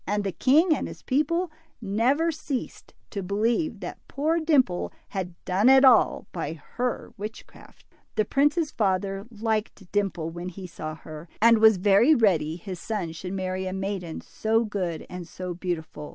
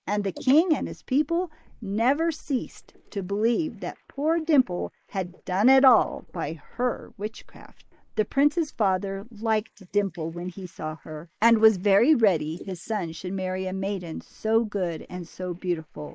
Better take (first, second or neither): first